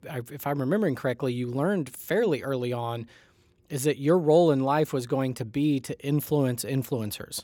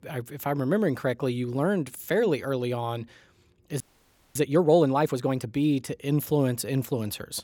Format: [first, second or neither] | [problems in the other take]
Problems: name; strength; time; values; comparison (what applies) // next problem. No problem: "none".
first | audio freezing; at 4 s for 0.5 s